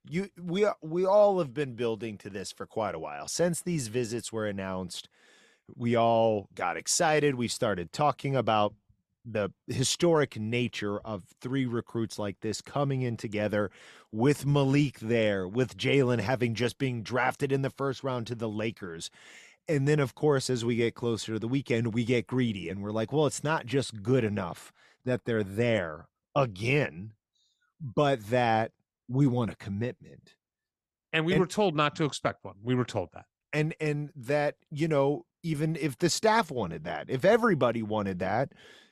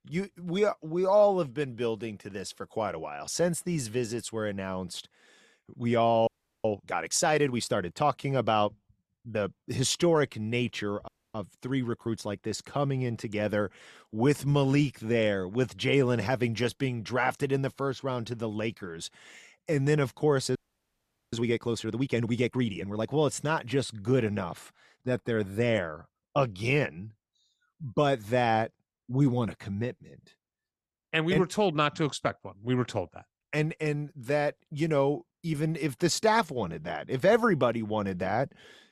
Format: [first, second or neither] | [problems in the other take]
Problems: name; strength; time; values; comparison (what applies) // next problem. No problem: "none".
first | audio freezing; at 6.5 s, at 11 s and at 21 s for 1 s